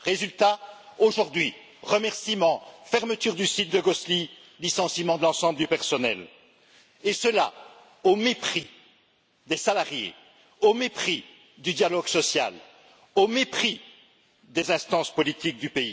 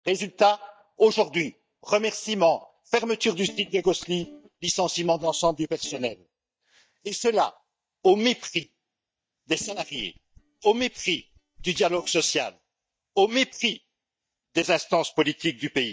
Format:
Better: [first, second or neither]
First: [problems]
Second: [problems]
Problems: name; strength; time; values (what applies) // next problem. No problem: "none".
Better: first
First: none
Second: noise reduction (neural mask model DeepFilterNet 3)